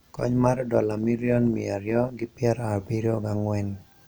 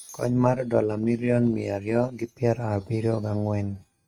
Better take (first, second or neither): first